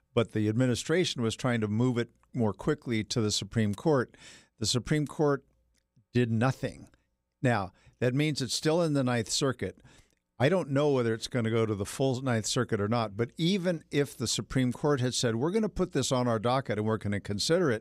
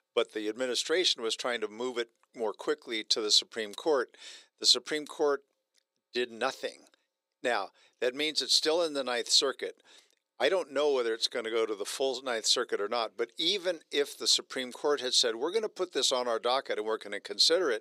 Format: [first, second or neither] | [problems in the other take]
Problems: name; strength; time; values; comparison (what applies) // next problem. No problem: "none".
first | thin; very; fading below 400 Hz